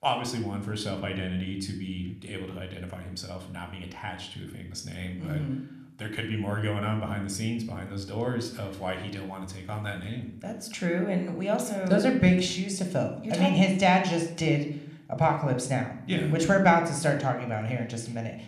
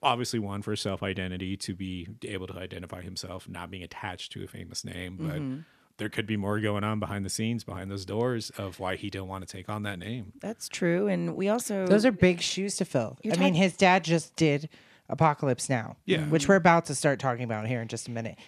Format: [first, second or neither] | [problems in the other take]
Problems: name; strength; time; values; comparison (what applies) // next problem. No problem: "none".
second | room echo; slight; dies away in 0.6 s